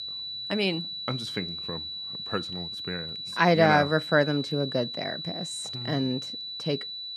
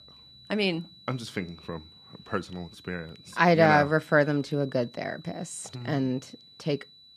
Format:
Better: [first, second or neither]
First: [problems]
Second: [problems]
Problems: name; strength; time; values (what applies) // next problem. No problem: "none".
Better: second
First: high-pitched whine; loud; throughout; 4 kHz, 6 dB below the speech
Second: high-pitched whine; faint; throughout; 4 kHz, 25 dB below the speech